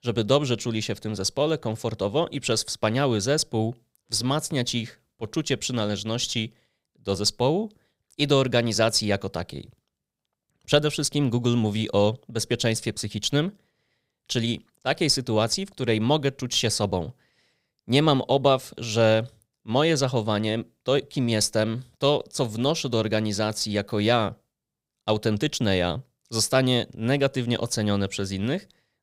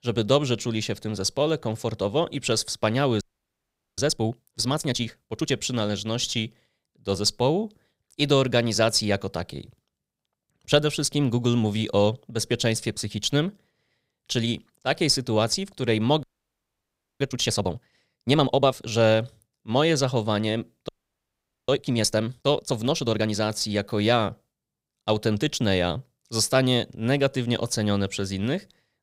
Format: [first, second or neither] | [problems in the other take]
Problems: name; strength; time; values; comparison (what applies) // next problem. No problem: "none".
first | audio freezing; at 3 s for 1 s, at 16 s for 1 s and at 21 s for 1 s